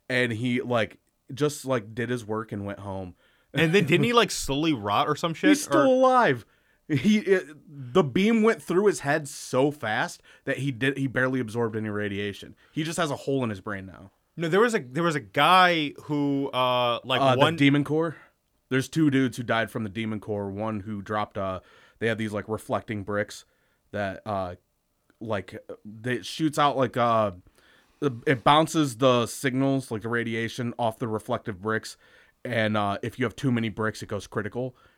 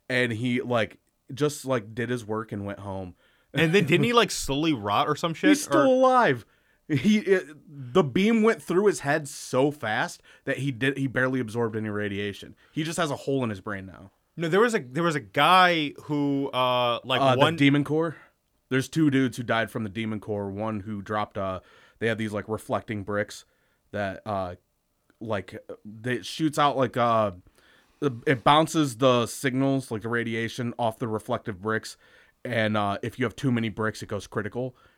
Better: neither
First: none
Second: none

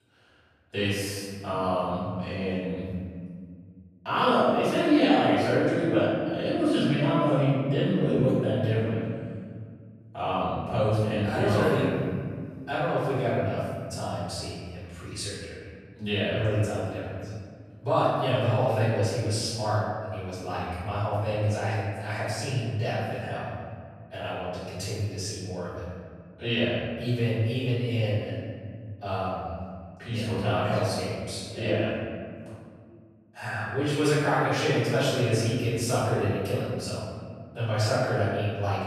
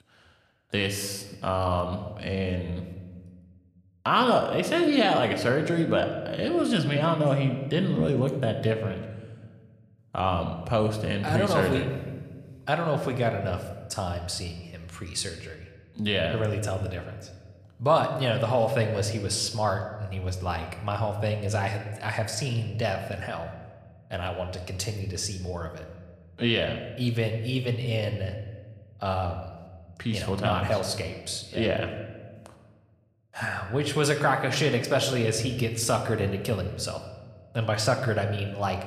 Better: second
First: room echo; strong; dies away in 2 s // off-mic speech; far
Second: room echo; slight; dies away in 1.1 s

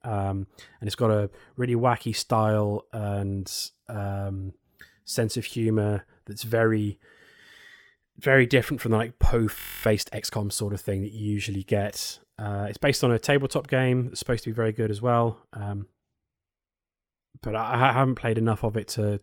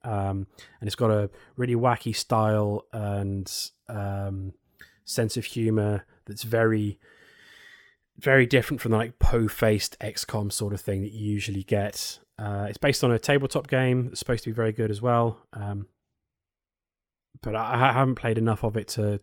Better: second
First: audio freezing; at 9.5 s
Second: none

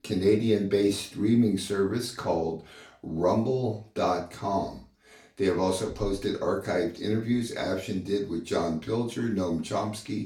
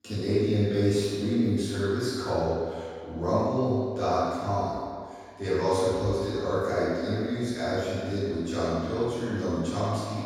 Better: first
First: room echo; slight; dies away in 0.4 s // off-mic speech; far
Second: room echo; strong; dies away in 1.8 s // off-mic speech; far

